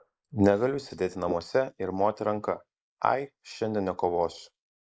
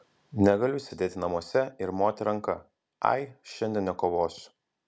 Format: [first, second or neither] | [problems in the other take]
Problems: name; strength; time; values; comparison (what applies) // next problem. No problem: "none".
second | noise reduction (neural mask model Resemble Enhance denoiser)